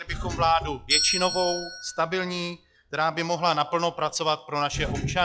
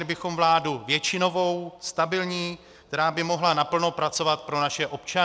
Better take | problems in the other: second | noise reduction (classical method log-MMSE)

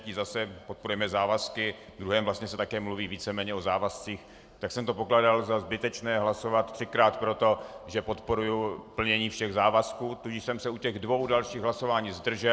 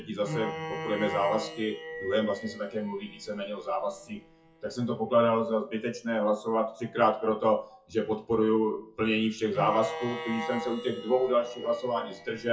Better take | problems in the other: first | noise reduction (classical method WPE with log-MMSE)

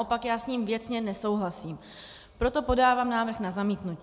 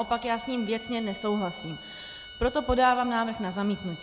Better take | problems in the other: first | background sound (Bowed string instrument); 16 dB below the speech

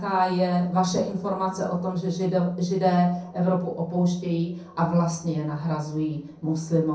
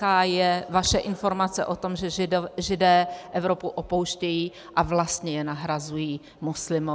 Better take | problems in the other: second | noise reduction (neural separator model SepFormer DNS4)

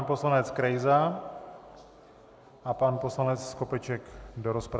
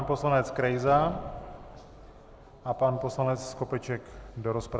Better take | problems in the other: first | background sound (Gunshot, gunfire); 17 dB below the speech

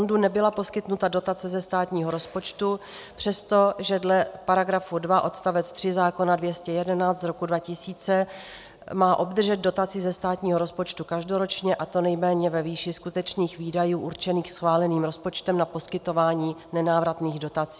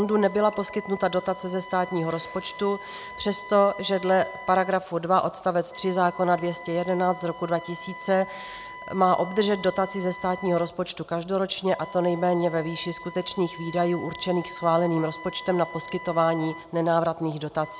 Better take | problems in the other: first | background sound (Wind instrument, woodwind instrument); 16 dB below the speech

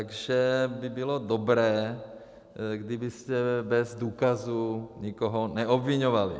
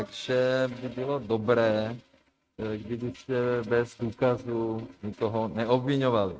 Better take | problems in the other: first | noise reduction (neural mask model RNNoise)

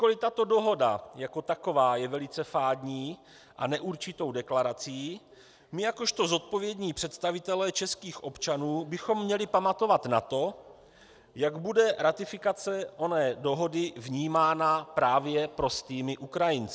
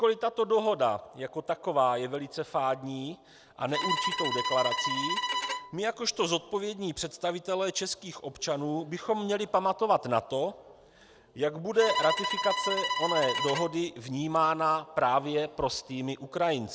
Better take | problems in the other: first | background sound (Bowed string instrument); 3 dB below the speech

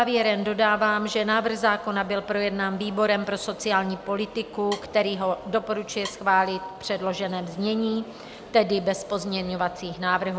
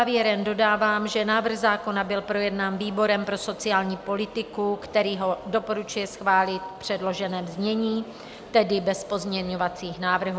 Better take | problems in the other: second | background sound (Wood); 18 dB below the speech

